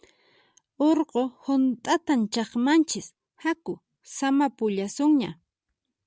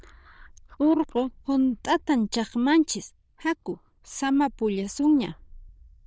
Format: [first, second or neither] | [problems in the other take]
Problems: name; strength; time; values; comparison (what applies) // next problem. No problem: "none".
first | noise reduction (neural diffusion model UNIVERSE++)